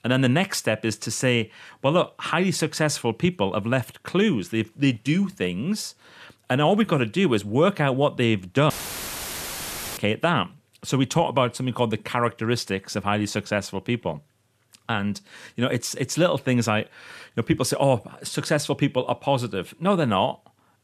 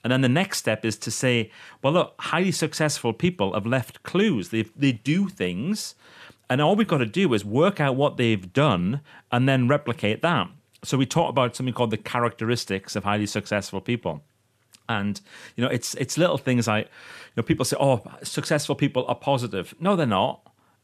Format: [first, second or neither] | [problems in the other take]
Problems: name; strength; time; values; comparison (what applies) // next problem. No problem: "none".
second | audio cutting out; filled with static; at 8.5 s for 1.5 s